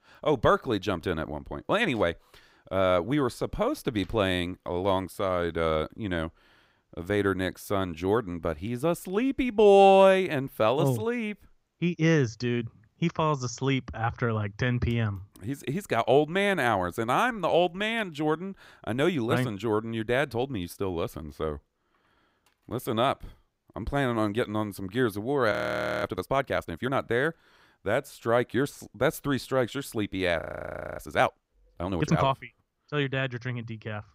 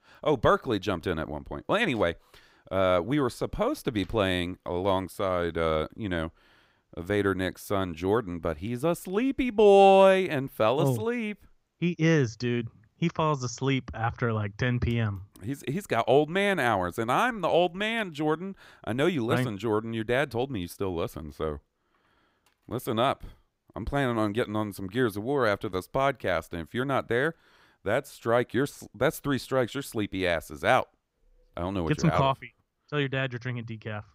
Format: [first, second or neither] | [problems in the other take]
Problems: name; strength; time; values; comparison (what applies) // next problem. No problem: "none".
second | audio freezing; at 26 s for 0.5 s and at 30 s for 0.5 s